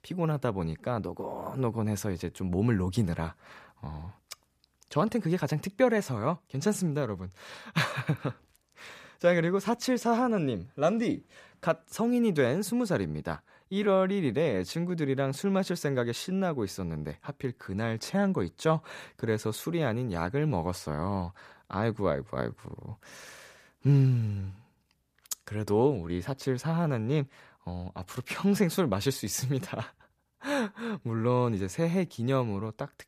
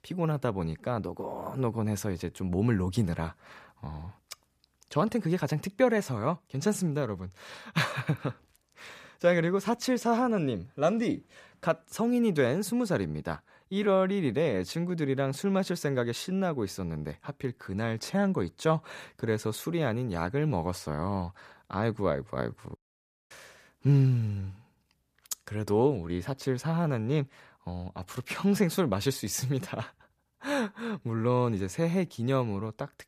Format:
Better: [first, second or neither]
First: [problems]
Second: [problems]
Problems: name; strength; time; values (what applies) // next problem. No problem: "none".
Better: first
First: none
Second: audio cutting out; at 23 s for 0.5 s